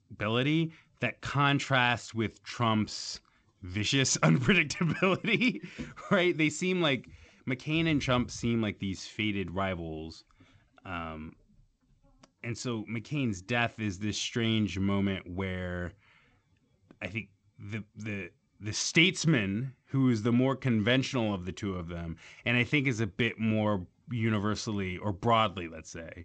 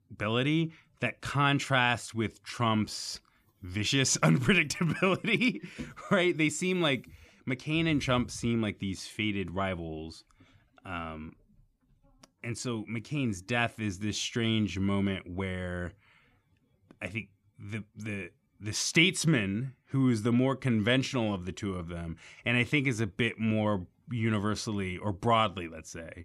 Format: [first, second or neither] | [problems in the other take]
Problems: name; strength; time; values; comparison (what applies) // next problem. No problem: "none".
second | garbled, watery; slightly; nothing above 7.5 kHz